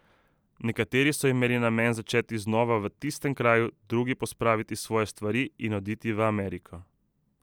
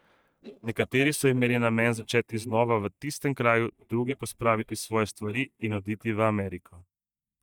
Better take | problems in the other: first | noise reduction (neural mask model DeepFilterNet 3)

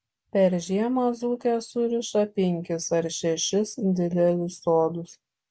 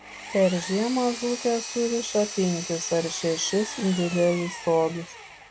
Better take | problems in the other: first | background sound (Power tool); 11 dB below the speech

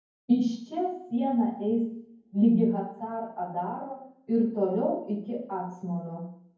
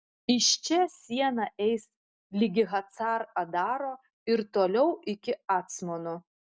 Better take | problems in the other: second | room echo; dies away in 0.9 s

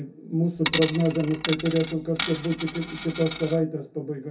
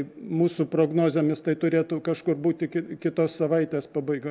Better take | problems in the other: second | background sound (Coin (dropping)); 7 dB below the speech // room echo; dies away in 0.3 s

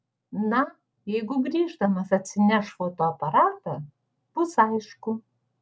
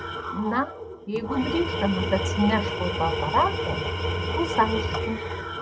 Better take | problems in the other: first | background sound (Tools); 1 dB below the speech

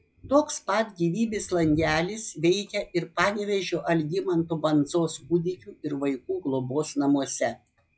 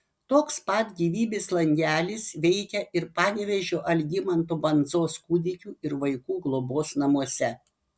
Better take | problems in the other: second | noise reduction (classical method log-MMSE)

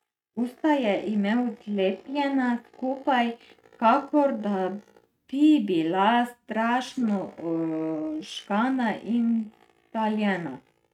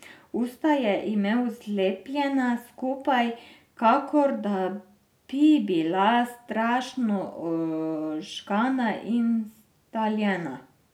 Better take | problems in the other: second | noise reduction (neural mask model RNNoise)

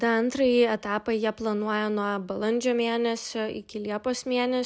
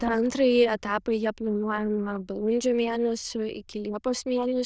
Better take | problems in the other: first | noise reduction (neural diffusion model UNIVERSE++)

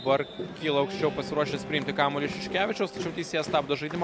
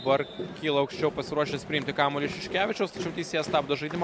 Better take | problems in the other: second | background sound (Guitar); 12 dB below the speech

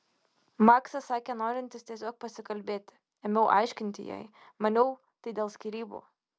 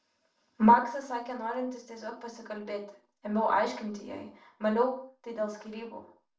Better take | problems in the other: first | room echo; dies away in 0.4 s

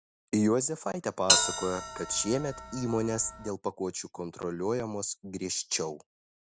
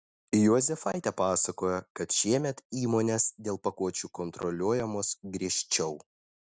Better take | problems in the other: second | background sound (Bell); as loud as the speech

